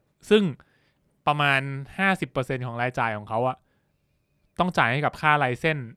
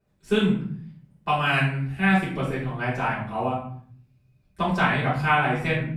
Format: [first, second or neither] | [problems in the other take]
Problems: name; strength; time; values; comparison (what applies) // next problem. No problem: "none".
first | off-mic speech; far // room echo; noticeable; dies away in 0.7 s